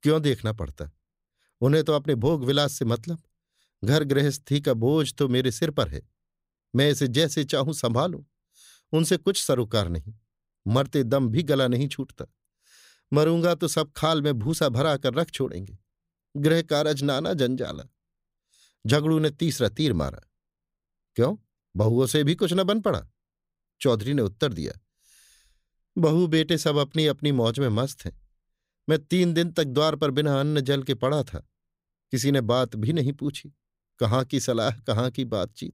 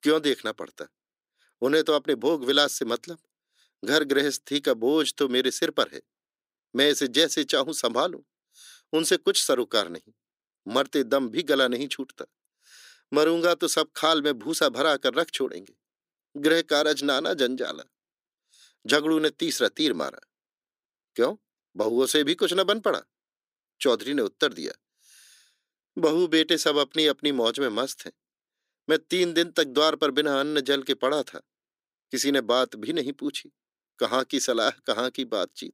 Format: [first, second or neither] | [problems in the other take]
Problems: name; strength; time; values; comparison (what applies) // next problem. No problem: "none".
first | thin; somewhat; fading below 300 Hz